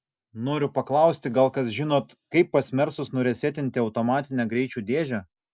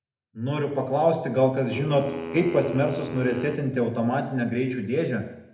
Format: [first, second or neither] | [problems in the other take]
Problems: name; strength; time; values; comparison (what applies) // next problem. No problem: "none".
first | background sound (Wind instrument, woodwind instrument); 12 dB below the speech // room echo; dies away in 0.7 s